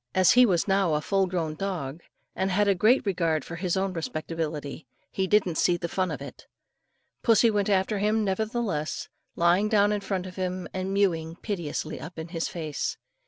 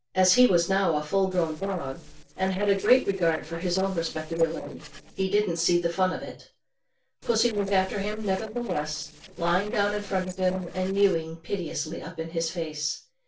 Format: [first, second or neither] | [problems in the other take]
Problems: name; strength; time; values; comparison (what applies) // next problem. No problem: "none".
first | noise reduction (neural separator model SepFormer DNS4)